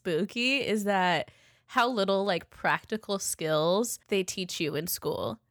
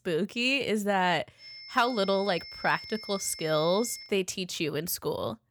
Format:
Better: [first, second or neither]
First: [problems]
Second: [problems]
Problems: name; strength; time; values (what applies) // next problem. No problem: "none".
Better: first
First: none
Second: high-pitched whine; noticeable; from 1.5 to 4 s; 5.5 kHz, 15 dB below the speech